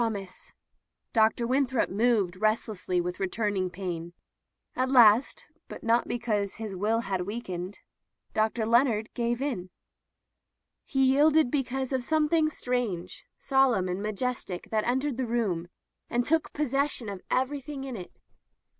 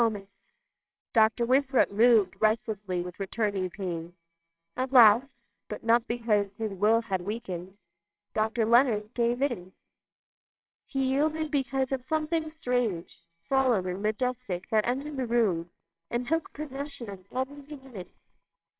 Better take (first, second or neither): first